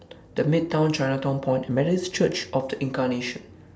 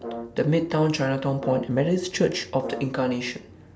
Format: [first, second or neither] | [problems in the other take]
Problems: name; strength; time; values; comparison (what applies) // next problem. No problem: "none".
first | background sound (Brass instrument); 14 dB below the speech